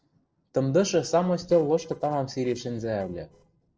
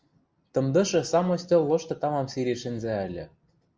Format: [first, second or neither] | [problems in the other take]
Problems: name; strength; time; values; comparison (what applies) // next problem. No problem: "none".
second | noise reduction (neural separator model SepFormer DNS4)